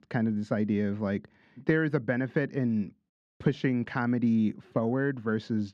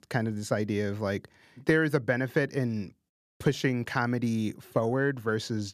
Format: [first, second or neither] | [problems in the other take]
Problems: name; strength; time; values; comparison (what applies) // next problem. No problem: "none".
second | muffled; slightly; fading above 3 kHz